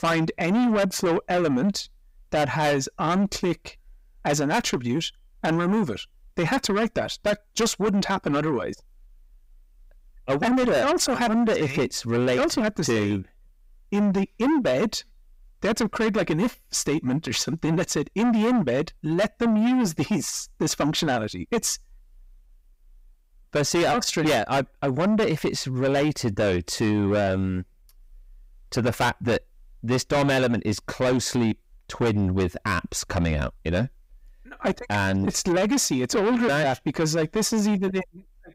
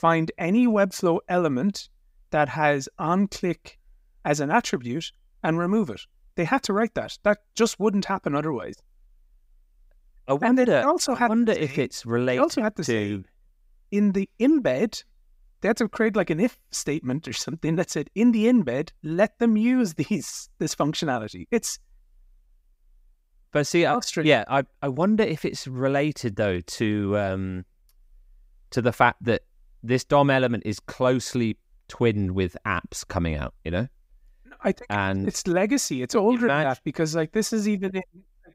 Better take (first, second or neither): second